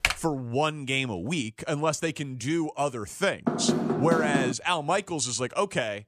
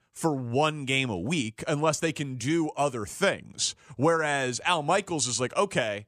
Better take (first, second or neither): second